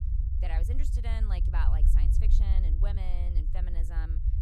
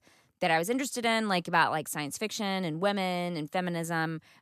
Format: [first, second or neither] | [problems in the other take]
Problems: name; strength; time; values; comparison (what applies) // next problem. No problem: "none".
second | low rumble; loud; throughout; 4 dB below the speech